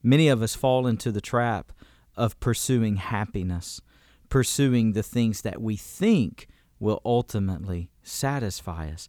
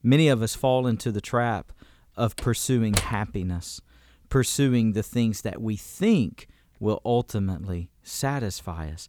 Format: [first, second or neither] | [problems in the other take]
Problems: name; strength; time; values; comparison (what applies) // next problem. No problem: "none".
first | door banging; noticeable; at 2.5 s; peak 3 dB below the speech